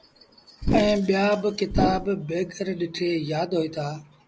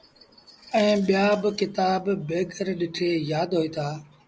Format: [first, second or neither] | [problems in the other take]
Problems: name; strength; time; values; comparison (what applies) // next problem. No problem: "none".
second | background sound (Whoosh, swoosh, swish); 2 dB above the speech